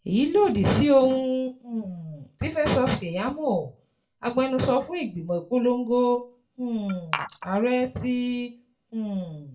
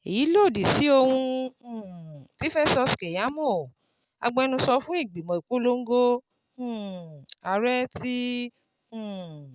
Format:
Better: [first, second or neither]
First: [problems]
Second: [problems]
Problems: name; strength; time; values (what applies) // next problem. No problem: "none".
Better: second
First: background sound (Glass); 10 dB below the speech // room echo; dies away in 0.2 s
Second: none